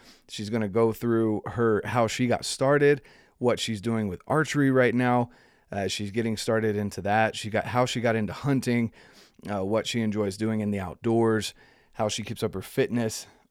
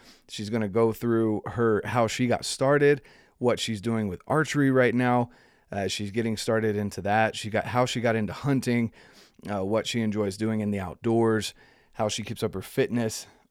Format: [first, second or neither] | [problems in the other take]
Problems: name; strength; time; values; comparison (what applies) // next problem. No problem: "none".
neither | none